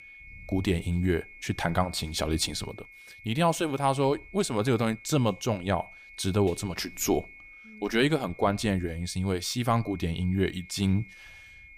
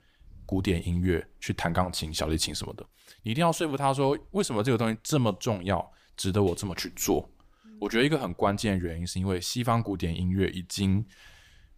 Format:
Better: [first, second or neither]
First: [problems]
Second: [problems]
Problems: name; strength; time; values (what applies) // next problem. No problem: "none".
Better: second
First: high-pitched whine; noticeable; throughout; 2 kHz, 20 dB below the speech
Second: none